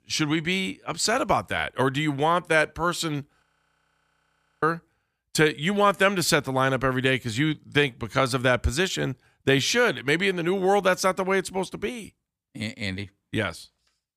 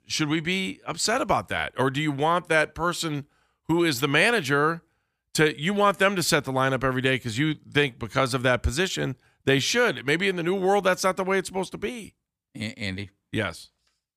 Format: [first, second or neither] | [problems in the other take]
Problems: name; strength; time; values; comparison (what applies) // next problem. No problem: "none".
second | audio freezing; at 3.5 s for 1 s